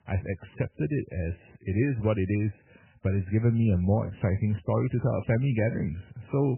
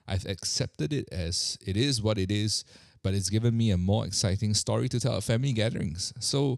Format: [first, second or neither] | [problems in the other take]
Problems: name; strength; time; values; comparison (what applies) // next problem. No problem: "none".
second | garbled, watery; badly; nothing above 2.5 kHz